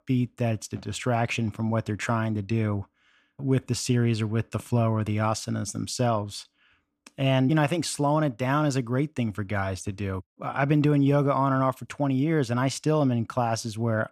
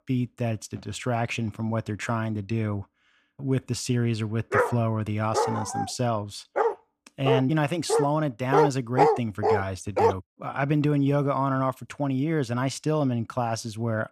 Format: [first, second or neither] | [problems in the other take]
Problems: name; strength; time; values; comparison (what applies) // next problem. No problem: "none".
first | dog barking; loud; from 4.5 to 10 s; peak 5 dB above the speech